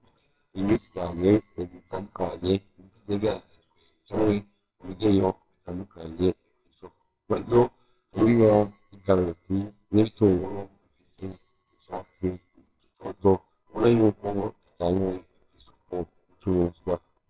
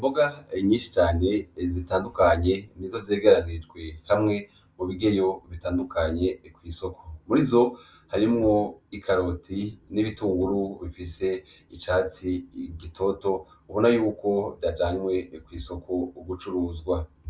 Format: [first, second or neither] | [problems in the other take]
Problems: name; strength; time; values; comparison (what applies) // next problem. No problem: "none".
second | noise reduction (neural separator model SepFormer WHAMR!)